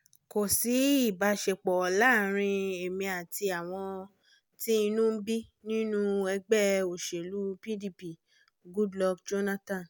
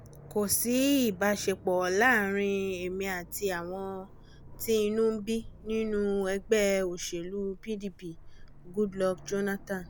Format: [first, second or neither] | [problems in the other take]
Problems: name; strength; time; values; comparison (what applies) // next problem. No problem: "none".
first | background sound (Aircraft); 17 dB below the speech